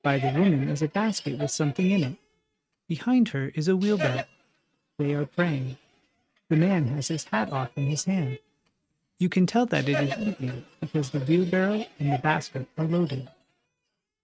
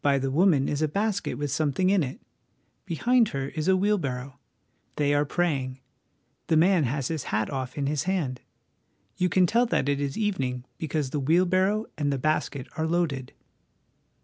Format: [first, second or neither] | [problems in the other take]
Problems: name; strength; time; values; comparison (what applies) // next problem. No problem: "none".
second | noise reduction (neural mask model RNNoise)